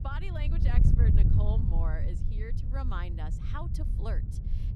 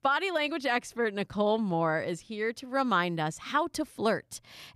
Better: second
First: wind noise on the microphone; heavy; 2 dB below the speech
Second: none

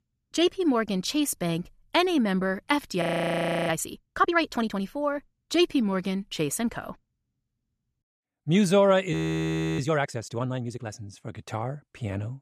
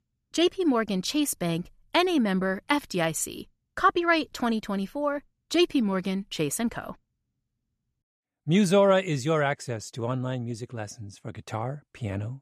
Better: second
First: audio freezing; at 3 s for 0.5 s and at 9 s for 0.5 s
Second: none

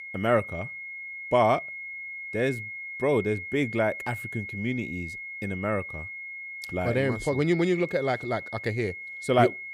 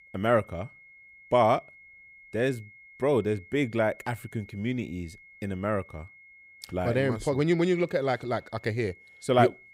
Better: second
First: high-pitched whine; loud; throughout; 2 kHz, 9 dB below the speech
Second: high-pitched whine; faint; throughout; 2 kHz, 25 dB below the speech

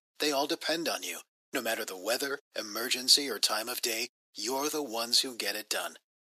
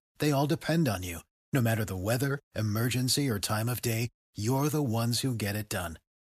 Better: second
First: thin; somewhat; fading below 350 Hz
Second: none

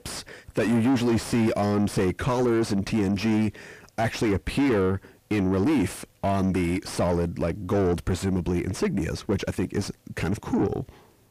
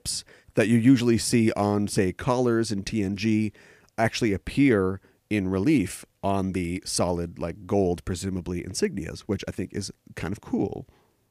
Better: second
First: distortion; heavy; 6 dB below the speech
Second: none

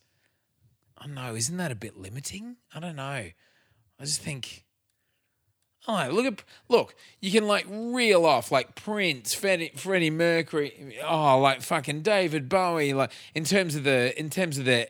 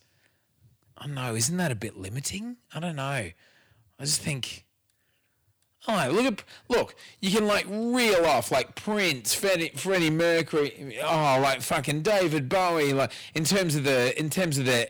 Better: first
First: none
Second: distortion; heavy; 10% of the sound clipped

